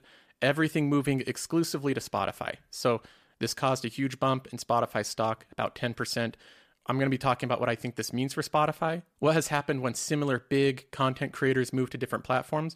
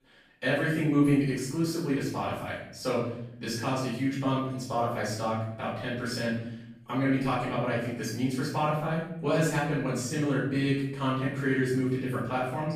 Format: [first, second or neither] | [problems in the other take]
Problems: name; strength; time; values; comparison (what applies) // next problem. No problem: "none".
first | room echo; noticeable; dies away in 0.9 s // off-mic speech; far